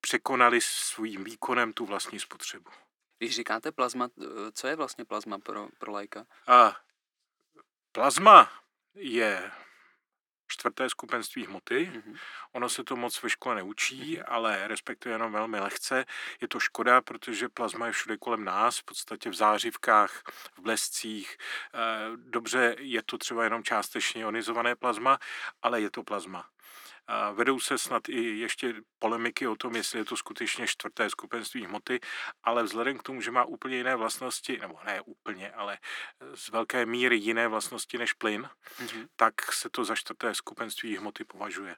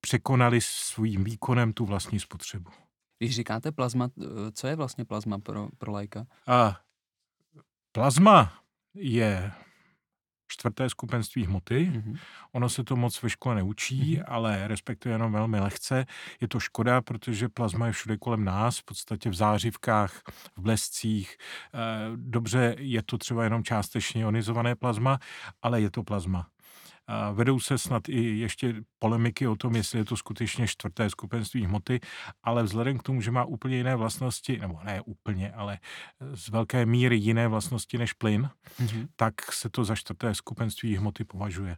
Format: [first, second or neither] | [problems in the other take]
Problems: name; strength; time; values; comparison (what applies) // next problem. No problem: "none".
second | thin; very; fading below 300 Hz